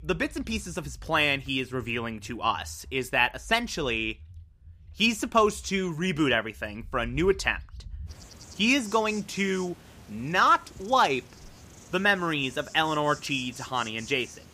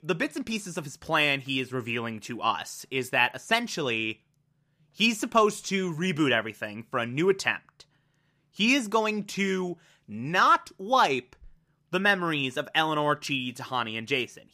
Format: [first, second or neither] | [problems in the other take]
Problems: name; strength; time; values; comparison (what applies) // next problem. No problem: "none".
second | animal sounds; noticeable; throughout; 20 dB below the speech